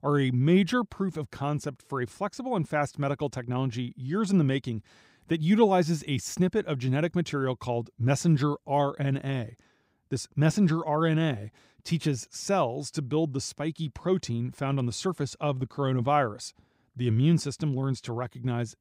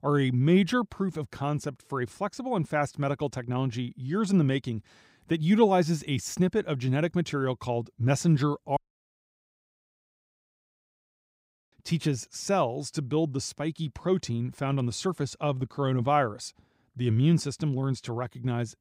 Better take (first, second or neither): first